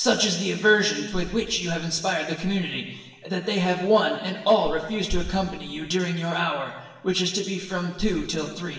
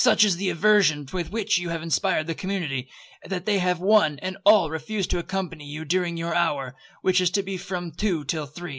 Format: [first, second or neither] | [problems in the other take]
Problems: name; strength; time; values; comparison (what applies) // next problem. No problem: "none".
second | room echo; dies away in 1.2 s